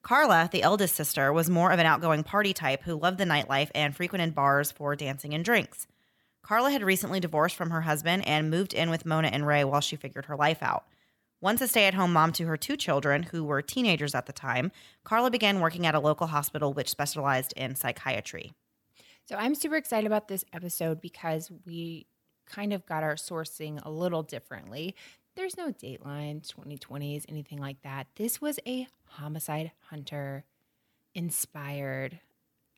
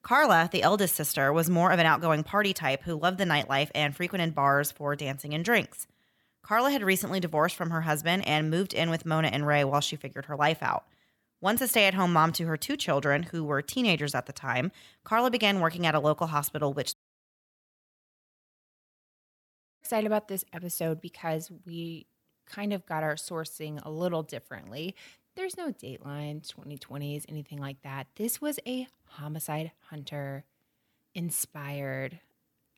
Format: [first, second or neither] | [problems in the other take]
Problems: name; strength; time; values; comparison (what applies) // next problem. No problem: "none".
first | audio cutting out; at 17 s for 3 s